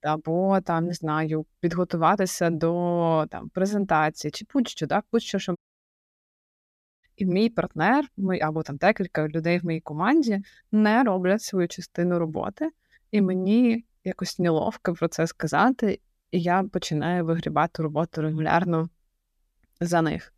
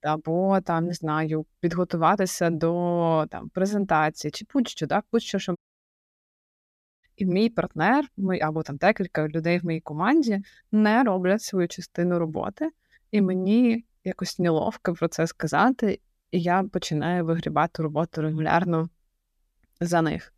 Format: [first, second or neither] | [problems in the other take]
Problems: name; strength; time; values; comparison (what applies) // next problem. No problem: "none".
neither | audio cutting out; at 5.5 s for 1.5 s; the same in both